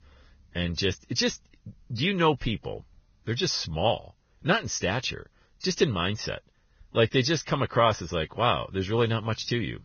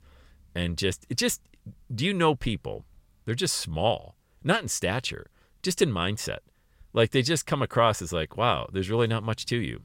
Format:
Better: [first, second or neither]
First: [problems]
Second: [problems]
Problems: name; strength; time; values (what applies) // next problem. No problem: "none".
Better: second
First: garbled, watery; badly; nothing above 6.5 kHz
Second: none